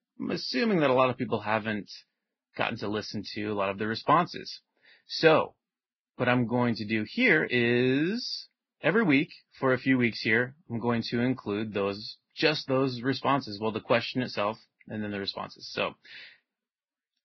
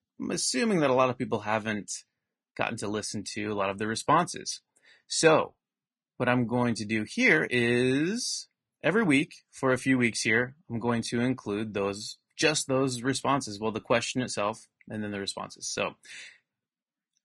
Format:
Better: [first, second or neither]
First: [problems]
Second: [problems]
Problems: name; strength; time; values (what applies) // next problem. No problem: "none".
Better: second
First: garbled, watery; badly; nothing above 5.5 kHz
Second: garbled, watery; slightly; nothing above 10.5 kHz